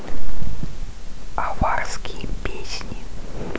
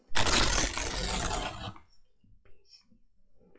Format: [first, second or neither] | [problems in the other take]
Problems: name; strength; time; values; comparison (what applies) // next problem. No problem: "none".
first | noise reduction (classical method WPE with log-MMSE)